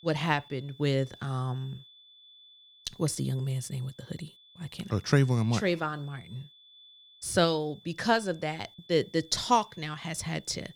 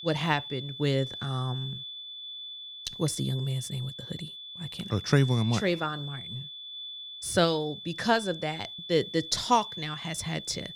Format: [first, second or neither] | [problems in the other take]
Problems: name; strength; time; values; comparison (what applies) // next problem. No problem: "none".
first | high-pitched whine; loud; throughout; 3.5 kHz, 10 dB below the speech; faint in the first